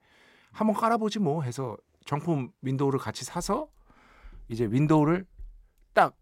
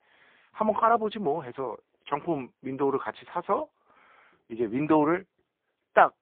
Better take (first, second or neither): first